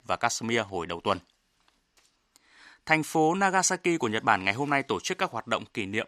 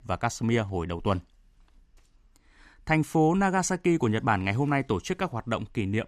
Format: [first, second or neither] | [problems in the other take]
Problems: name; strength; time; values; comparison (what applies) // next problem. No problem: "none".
second | thin; somewhat; fading below 650 Hz